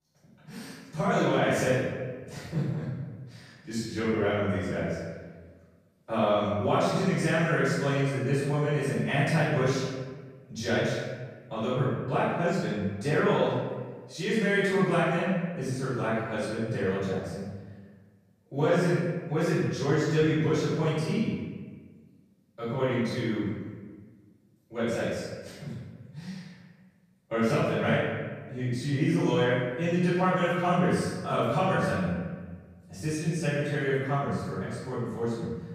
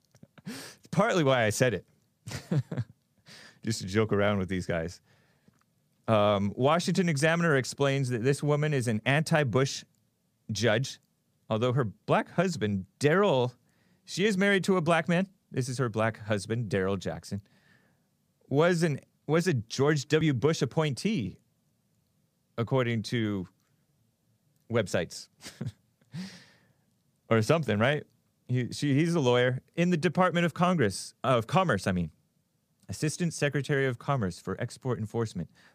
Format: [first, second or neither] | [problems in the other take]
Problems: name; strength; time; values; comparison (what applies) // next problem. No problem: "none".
second | off-mic speech; far // room echo; strong; dies away in 1.2 s